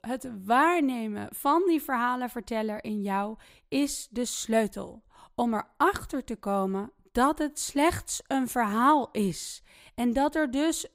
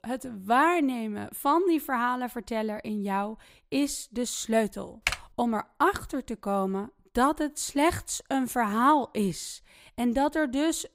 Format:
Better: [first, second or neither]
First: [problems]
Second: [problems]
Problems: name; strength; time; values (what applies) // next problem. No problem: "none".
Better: first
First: none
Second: keyboard typing; noticeable; at 5 s; peak 3 dB below the speech